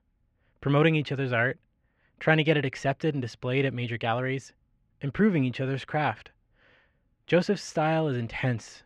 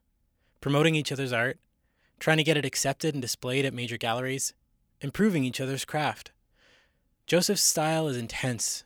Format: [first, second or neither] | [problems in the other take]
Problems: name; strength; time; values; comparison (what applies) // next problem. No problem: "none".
second | muffled; very; fading above 2 kHz